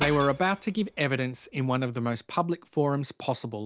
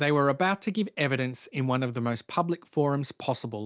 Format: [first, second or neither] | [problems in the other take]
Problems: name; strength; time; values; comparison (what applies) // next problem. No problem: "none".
second | background sound (Shatter / Crushing); 14 dB below the speech